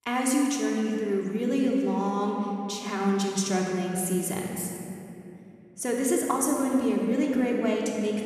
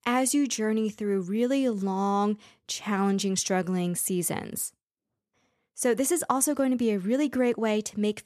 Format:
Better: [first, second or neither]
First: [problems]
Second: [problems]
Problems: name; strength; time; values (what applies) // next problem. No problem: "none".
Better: second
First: room echo; noticeable; dies away in 2.5 s // off-mic speech; somewhat distant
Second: none